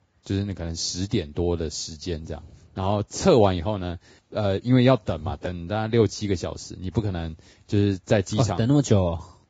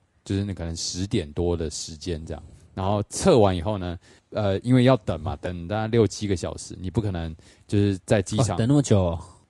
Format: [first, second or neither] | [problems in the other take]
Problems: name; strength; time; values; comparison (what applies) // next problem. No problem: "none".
second | garbled, watery; badly; nothing above 7.5 kHz; slightly in the second